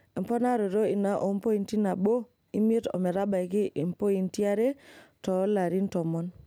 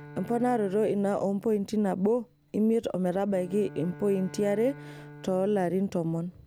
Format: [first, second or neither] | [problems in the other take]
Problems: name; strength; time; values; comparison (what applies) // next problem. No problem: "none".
first | background sound (Bowed string instrument); 19 dB below the speech